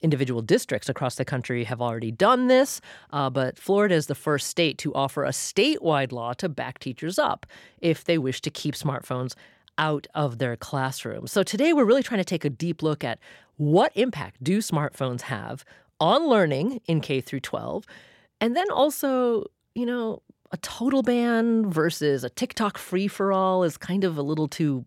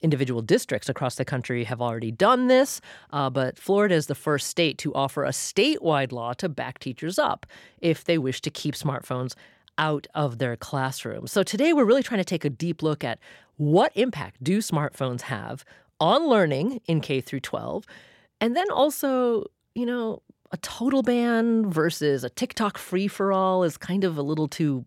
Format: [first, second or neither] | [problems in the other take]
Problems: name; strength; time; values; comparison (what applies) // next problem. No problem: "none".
neither | none